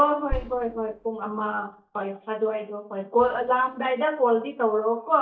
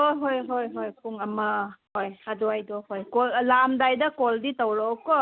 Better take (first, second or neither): second